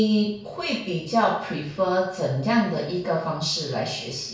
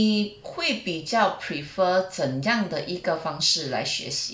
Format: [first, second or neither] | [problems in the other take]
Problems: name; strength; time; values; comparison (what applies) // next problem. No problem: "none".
second | room echo; dies away in 0.6 s